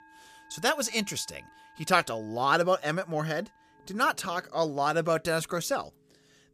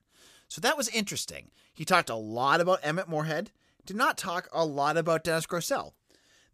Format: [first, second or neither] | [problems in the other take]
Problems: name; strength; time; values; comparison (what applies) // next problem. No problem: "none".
second | background music; faint; throughout; 30 dB below the speech